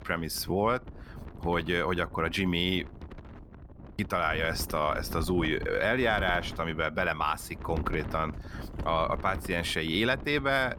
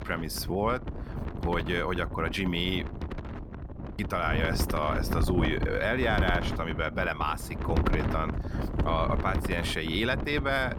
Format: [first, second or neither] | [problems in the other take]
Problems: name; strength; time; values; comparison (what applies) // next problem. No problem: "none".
first | wind noise on the microphone; heavy; 9 dB below the speech; occasional gusts in the first